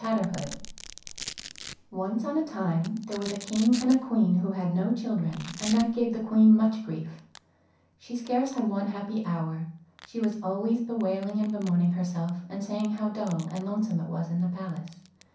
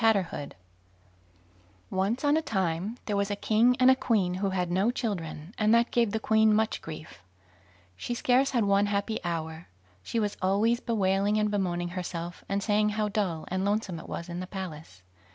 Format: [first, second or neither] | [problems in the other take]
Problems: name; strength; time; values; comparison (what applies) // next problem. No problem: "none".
second | background sound (Domestic sounds, home sounds); 19 dB below the speech // room echo; dies away in 0.6 s